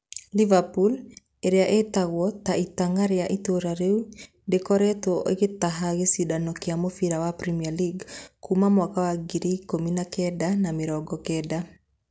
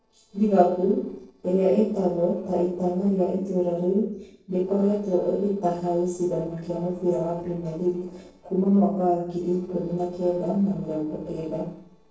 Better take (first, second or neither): first